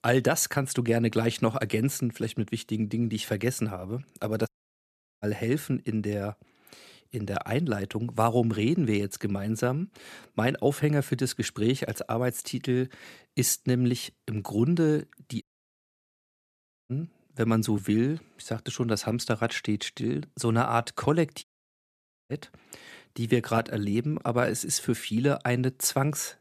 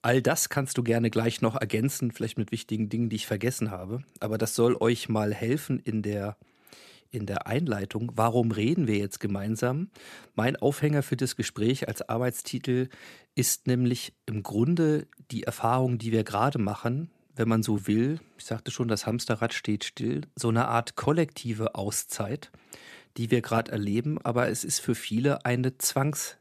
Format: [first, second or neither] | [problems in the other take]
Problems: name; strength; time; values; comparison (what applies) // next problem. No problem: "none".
second | audio cutting out; at 4.5 s for 0.5 s, at 15 s for 1.5 s and at 21 s for 1 s